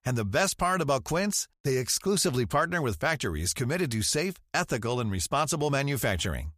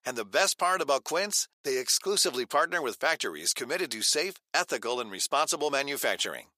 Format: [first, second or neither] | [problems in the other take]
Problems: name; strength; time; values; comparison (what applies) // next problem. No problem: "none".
first | thin; very; fading below 350 Hz